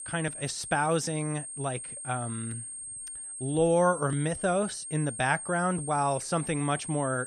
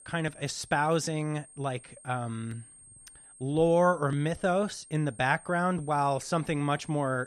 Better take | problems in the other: second | high-pitched whine; loud; throughout; 8.5 kHz, 8 dB below the speech; faint in the second

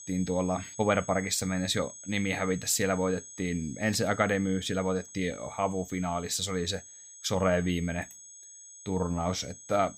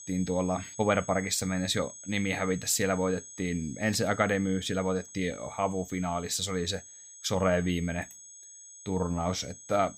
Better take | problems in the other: neither | high-pitched whine; noticeable; throughout; 6.5 kHz, 15 dB below the speech; the same in both

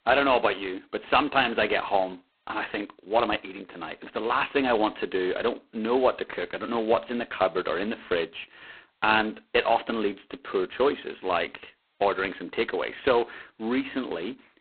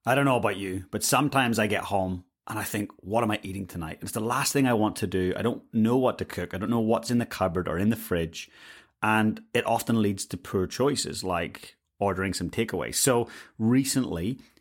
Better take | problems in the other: second | phone-call audio; poor line; nothing above 4 kHz

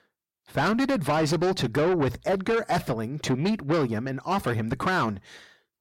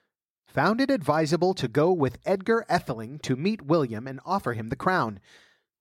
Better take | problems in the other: second | distortion; heavy; 7 dB below the speech

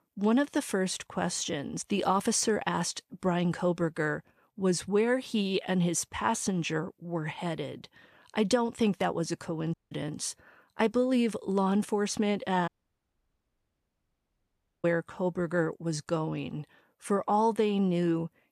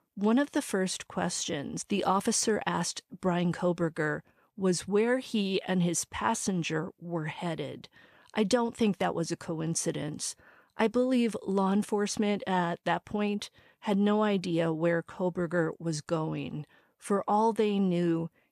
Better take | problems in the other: second | audio cutting out; at 9.5 s and at 13 s for 2 s

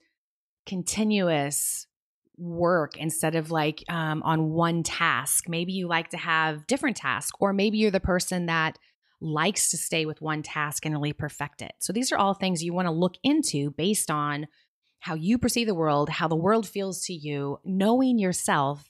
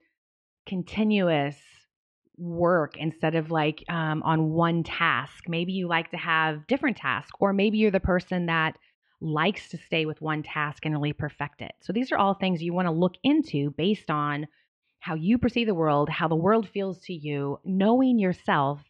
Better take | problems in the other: first | muffled; very; fading above 3 kHz

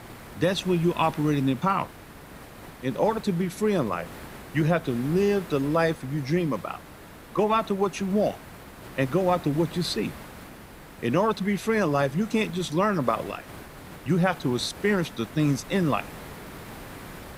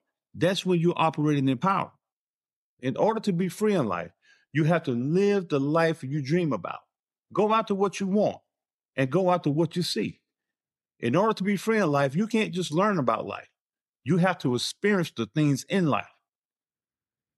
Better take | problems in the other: second | hiss; noticeable; throughout; 15 dB below the speech

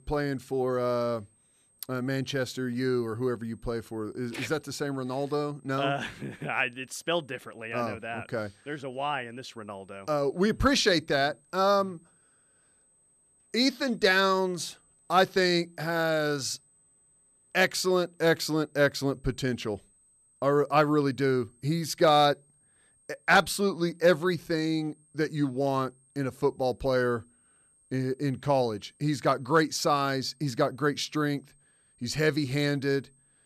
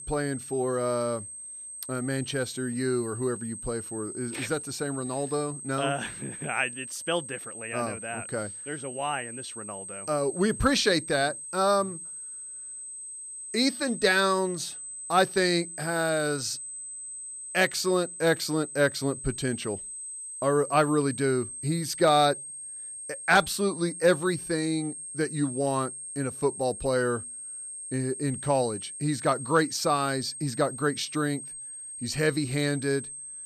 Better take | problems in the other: first | high-pitched whine; loud; throughout; 8.5 kHz, 9 dB below the speech; faint in the first

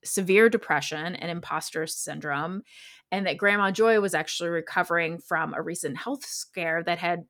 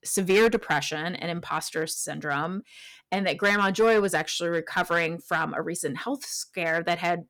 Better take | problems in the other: first | distortion; slight; 3% of the sound clipped

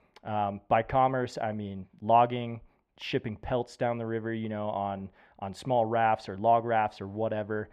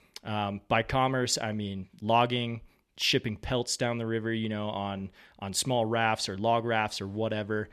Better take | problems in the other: second | muffled; very; fading above 3.5 kHz

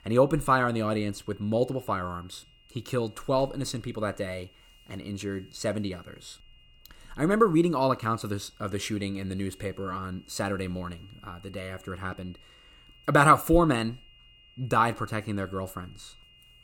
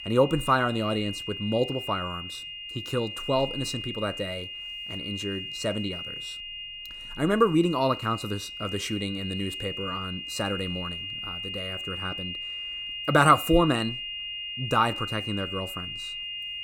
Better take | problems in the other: first | high-pitched whine; loud; throughout; 3 kHz, 6 dB below the speech; faint in the first

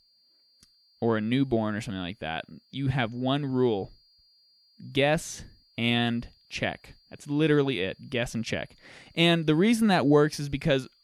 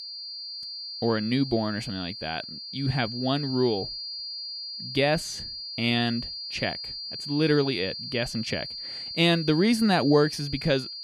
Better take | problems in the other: first | high-pitched whine; loud; throughout; 4.5 kHz, 8 dB below the speech; faint in the first

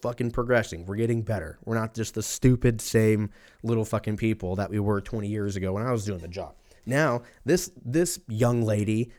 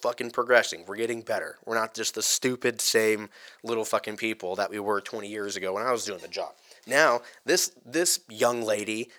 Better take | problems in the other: first | thin; very; fading below 550 Hz

